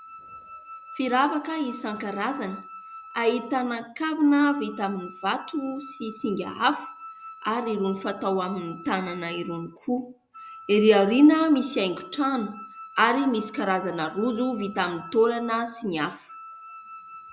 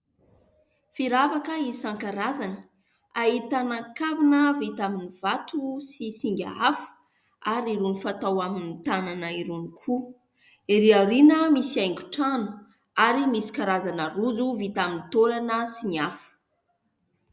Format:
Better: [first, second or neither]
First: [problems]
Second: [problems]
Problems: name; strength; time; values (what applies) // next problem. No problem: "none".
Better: second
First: background sound (Wind instrument, woodwind instrument); 17 dB below the speech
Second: none